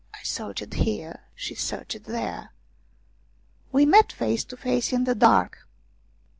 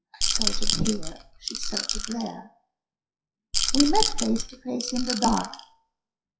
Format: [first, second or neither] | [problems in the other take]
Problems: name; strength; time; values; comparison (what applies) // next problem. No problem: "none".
first | noise reduction (classical method WPE with log-MMSE)